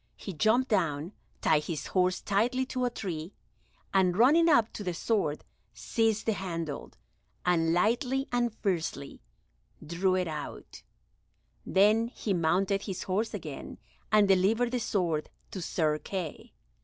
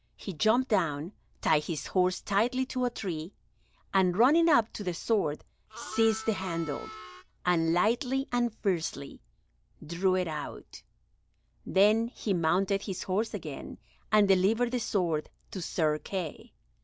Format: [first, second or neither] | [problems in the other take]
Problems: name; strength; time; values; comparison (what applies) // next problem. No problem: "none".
first | background sound (Harmonica); 13 dB below the speech